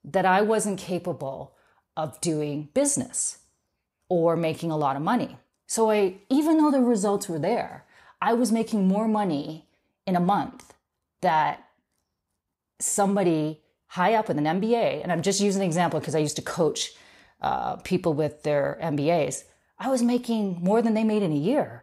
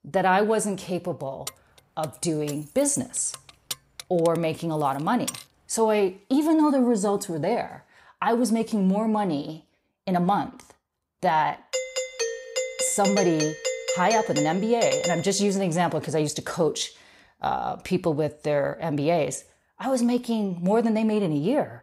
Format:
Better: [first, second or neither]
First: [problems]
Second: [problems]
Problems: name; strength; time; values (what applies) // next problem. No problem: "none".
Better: first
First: none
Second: jangling keys; noticeable; from 1.5 to 5.5 s; peak 9 dB below the speech // doorbell; noticeable; from 12 to 15 s; peak 1 dB below the speech